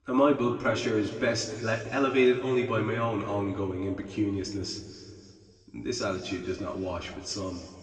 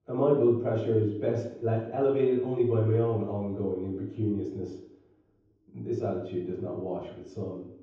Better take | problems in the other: first | room echo; strong; dies away in 0.9 s; slight in the first // off-mic speech; far; somewhat distant in the first

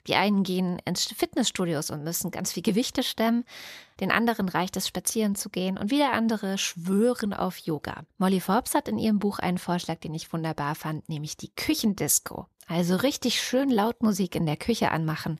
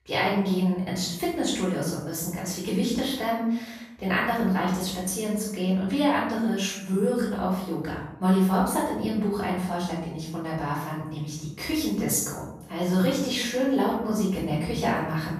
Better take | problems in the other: first | off-mic speech; far // room echo; noticeable; dies away in 0.7 s

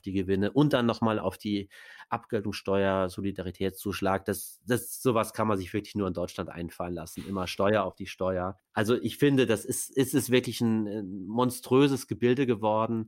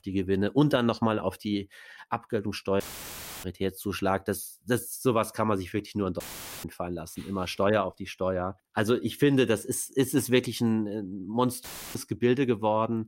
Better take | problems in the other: first | audio cutting out; filled with static; at 3 s for 0.5 s, at 6 s and at 12 s

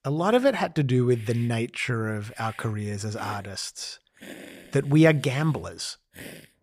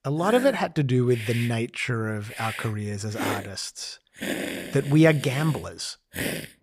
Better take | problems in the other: first | hiss; loud; throughout; 9 dB below the speech; faint in the first

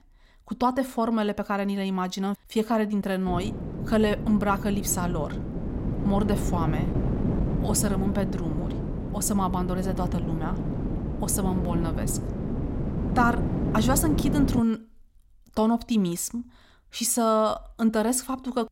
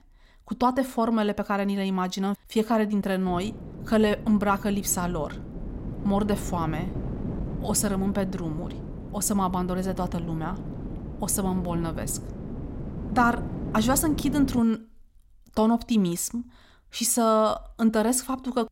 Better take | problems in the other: second | wind noise on the microphone; heavy; from 3.5 to 15 s; 8 dB below the speech; occasional gusts in the second

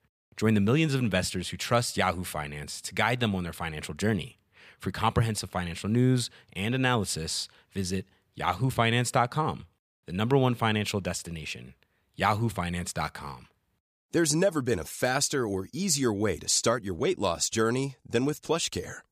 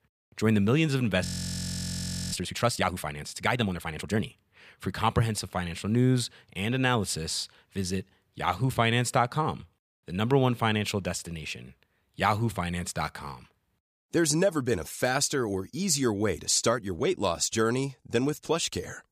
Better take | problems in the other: first | audio freezing; at 1.5 s for 1 s

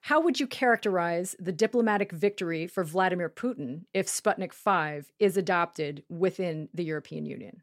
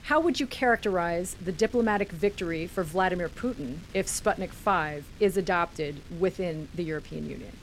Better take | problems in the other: first | wind noise on the microphone; occasional gusts; 25 dB below the speech

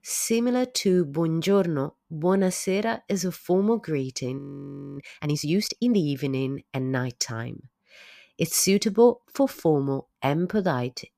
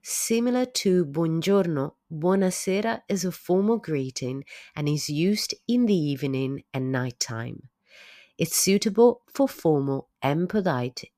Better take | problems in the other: second | audio freezing; at 4.5 s for 0.5 s

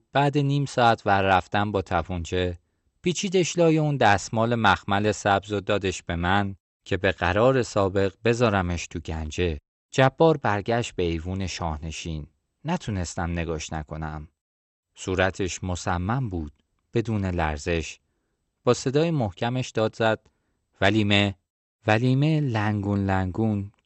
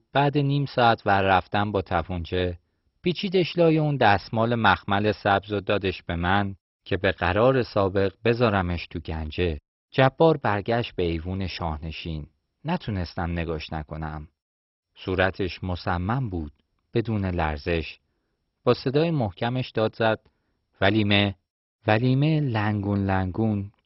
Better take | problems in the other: first | garbled, watery; badly; nothing above 5.5 kHz; slightly in the first

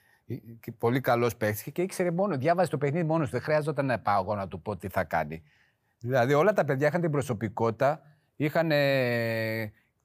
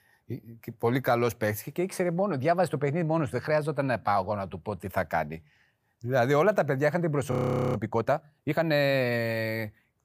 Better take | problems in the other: first | audio freezing; at 7.5 s

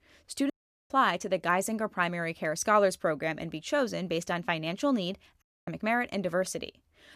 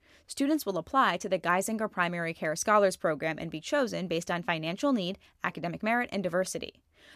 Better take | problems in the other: second | audio cutting out; at 0.5 s and at 5.5 s

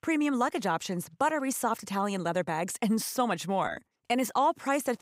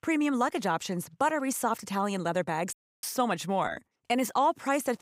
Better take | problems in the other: first | audio cutting out; at 2.5 s

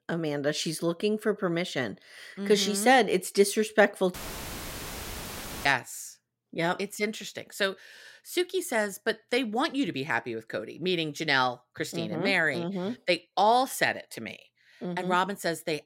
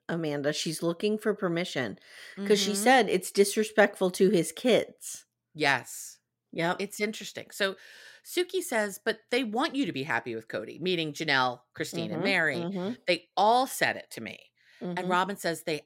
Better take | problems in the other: second | audio cutting out; filled with static; at 4 s for 1.5 s

